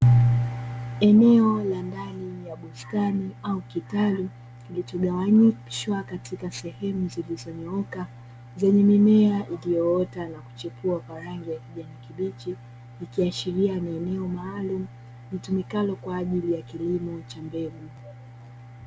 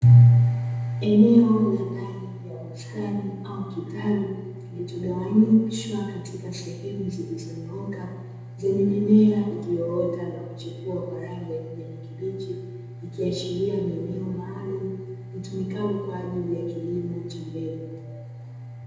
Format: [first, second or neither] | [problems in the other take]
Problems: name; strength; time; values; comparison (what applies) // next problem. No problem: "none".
first | room echo; dies away in 1 s